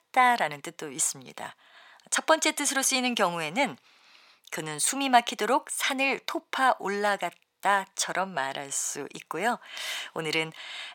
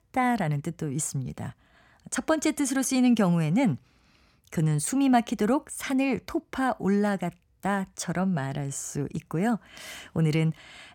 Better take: second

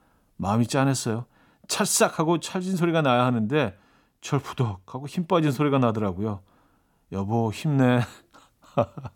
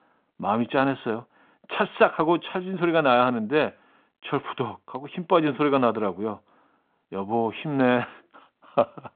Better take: first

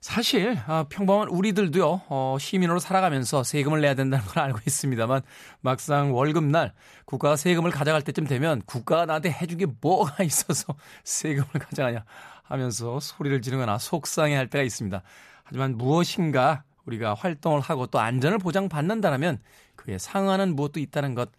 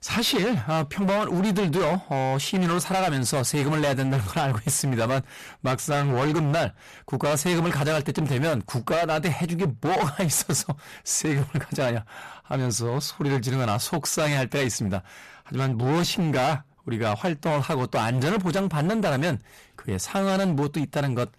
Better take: first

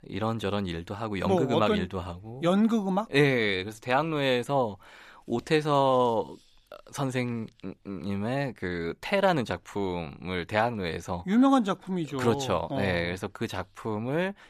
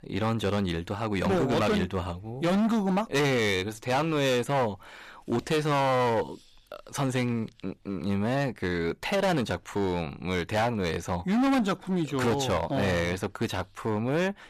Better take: first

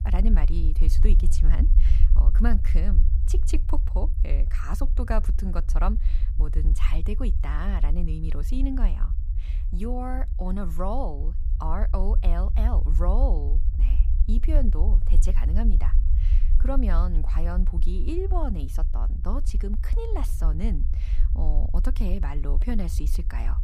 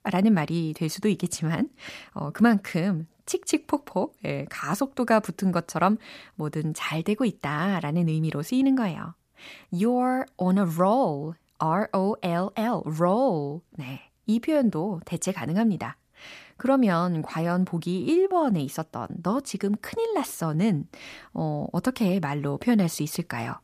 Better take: second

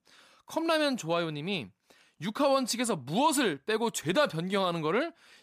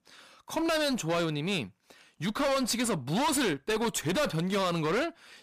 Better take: first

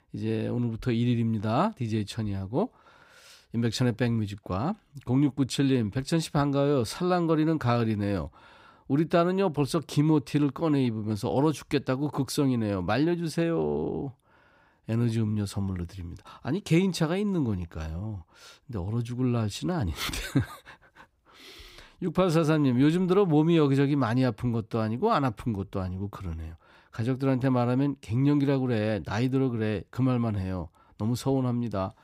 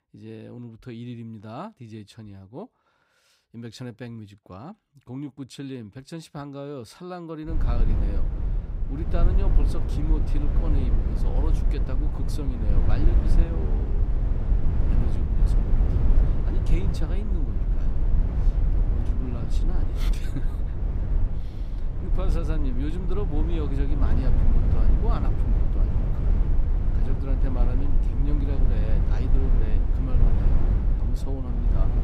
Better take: first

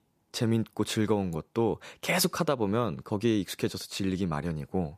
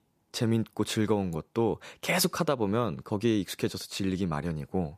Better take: neither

